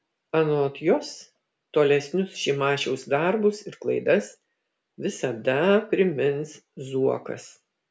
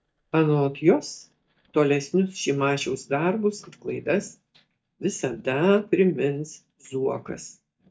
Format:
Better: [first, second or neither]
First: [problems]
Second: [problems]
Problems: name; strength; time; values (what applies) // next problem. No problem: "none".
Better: first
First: none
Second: noise reduction (neural mask model DeepFilterNet 3)